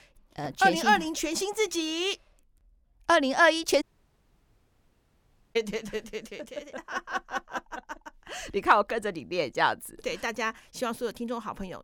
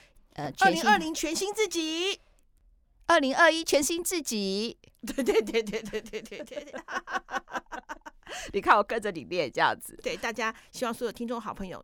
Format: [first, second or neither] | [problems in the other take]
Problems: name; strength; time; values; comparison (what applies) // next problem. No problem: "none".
second | audio cutting out; at 4 s for 1.5 s